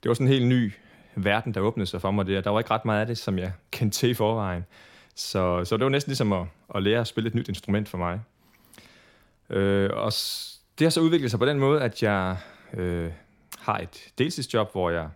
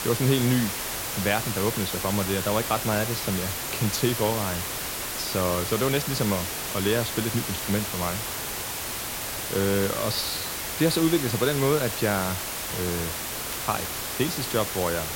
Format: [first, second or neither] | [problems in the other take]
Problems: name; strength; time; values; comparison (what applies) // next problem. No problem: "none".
first | hiss; loud; throughout; 2 dB below the speech